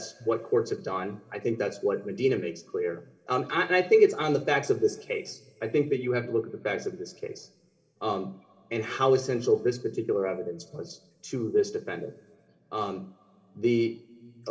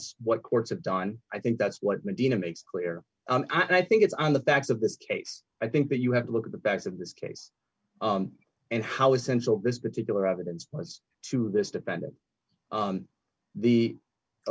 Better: second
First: room echo; dies away in 2.6 s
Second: none

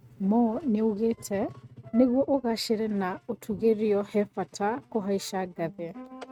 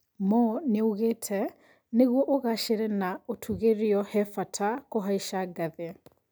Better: second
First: noise reduction (neural mask model RNNoise)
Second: none

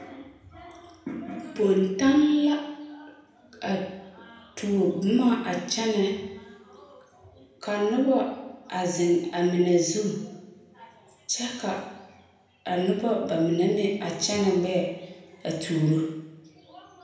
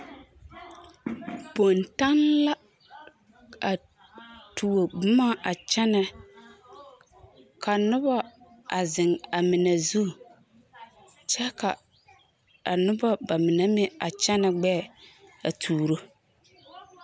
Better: second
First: room echo; dies away in 0.9 s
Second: none

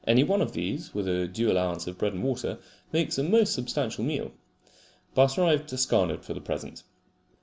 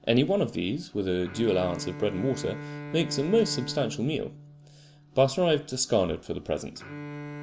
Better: first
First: none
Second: background sound (Bowed string instrument); 13 dB below the speech

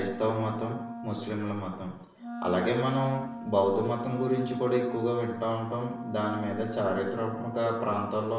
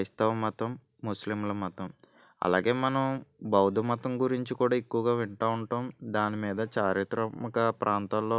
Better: second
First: background sound (Wind instrument, woodwind instrument); 9 dB below the speech // room echo; dies away in 0.7 s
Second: none

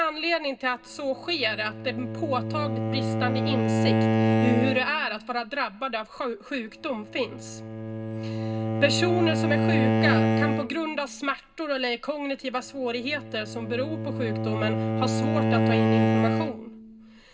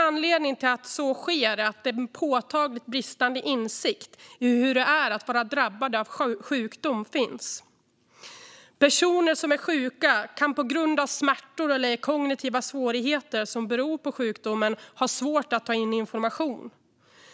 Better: second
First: background sound (Bowed string instrument); 3 dB above the speech // room echo; dies away in 0.2 s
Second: none

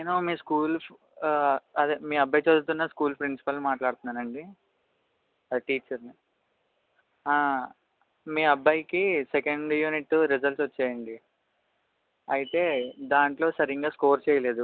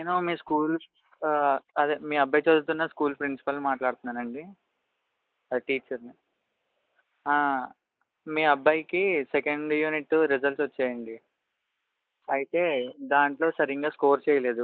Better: first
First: none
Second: noise reduction (neural mask model Resemble Enhance denoiser)

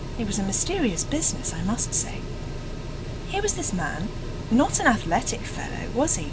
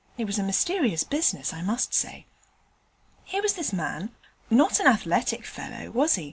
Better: second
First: background sound (Mechanical fan); 5 dB below the speech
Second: none

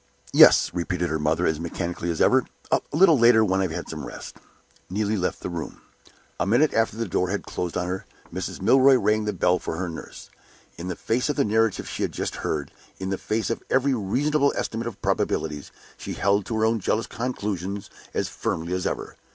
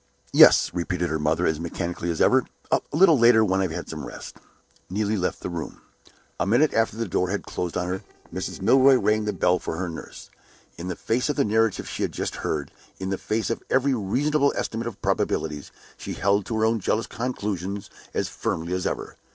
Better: first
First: none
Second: noise reduction (neural separator model SepFormer DNS4)

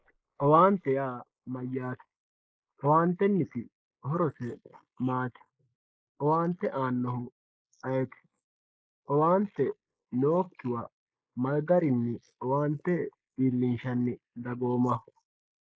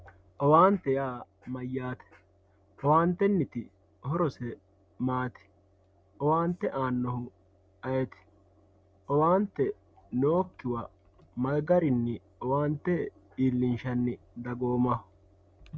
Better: second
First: noise reduction (neural mask model Resemble Enhance denoiser)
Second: none

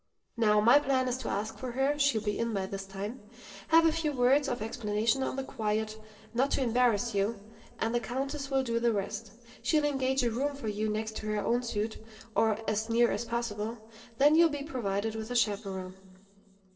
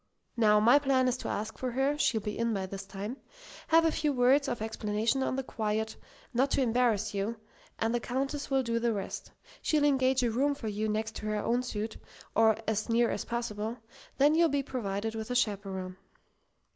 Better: second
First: noise reduction (neural separator model SepFormer DNS4)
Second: none

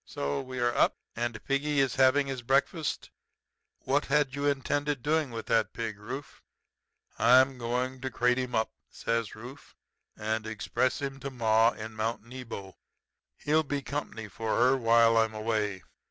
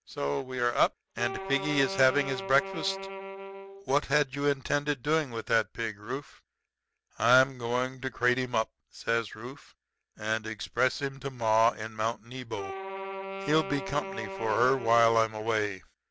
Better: first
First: none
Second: background sound (Wind instrument, woodwind instrument); 9 dB below the speech

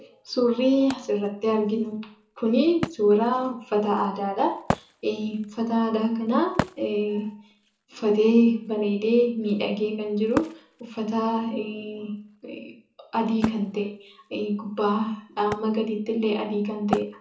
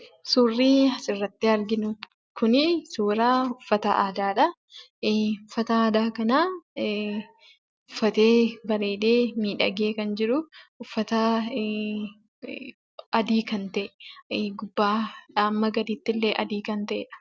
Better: second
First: background sound (Wood); 13 dB below the speech // room echo; dies away in 0.5 s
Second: none

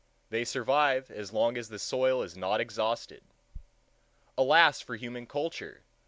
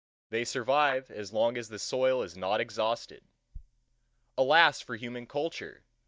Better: first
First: none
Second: noise reduction (neural mask model DeepFilterNet 3)

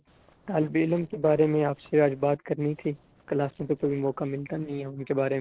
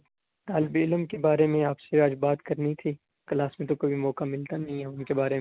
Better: second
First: noise reduction (neural separator model SepFormer DNS4)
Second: none

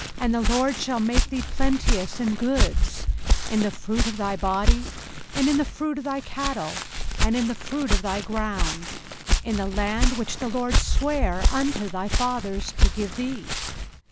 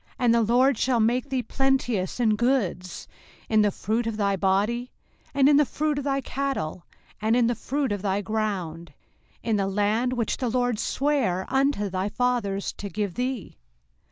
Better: second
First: background sound (Walk, footsteps); 2 dB above the speech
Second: none

